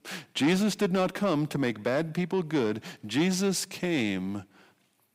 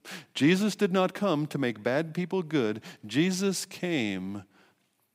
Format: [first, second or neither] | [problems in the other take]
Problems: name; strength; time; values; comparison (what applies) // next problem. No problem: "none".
second | distortion; slight; 10 dB below the speech